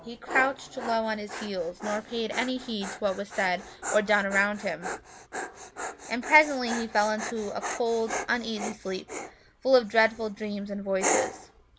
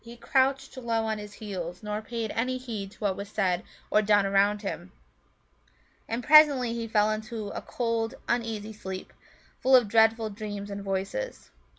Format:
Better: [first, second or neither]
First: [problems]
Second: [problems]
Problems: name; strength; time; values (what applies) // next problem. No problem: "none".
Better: second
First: background sound (Dog); 9 dB below the speech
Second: none